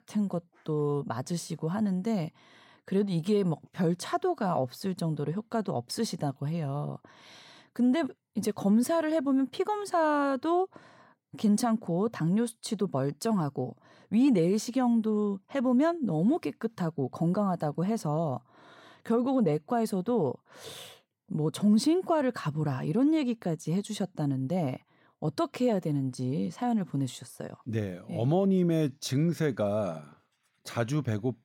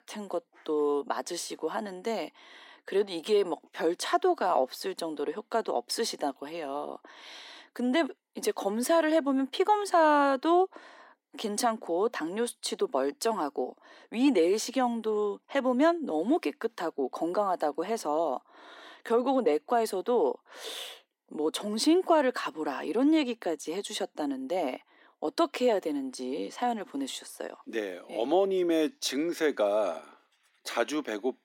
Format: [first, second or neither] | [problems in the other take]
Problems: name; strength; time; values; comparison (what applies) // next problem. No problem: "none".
first | thin; somewhat; fading below 300 Hz